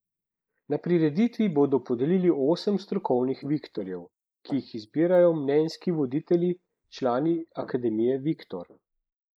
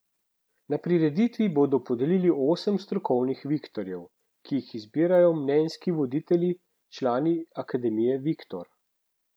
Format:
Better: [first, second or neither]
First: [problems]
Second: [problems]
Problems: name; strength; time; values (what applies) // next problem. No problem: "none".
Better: second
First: noise reduction (neural mask model Resemble Enhance denoiser)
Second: none